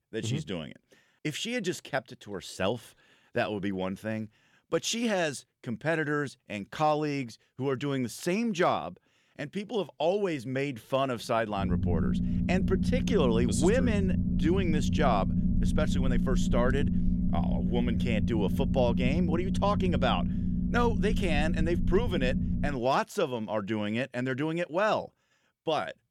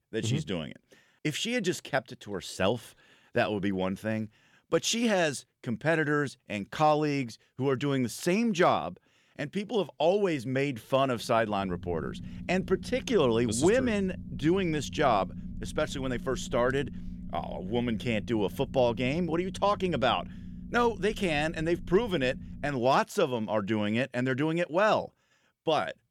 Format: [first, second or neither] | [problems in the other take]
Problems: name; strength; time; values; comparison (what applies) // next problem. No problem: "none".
second | low rumble; loud; from 12 to 23 s; 7 dB below the speech; faint in the second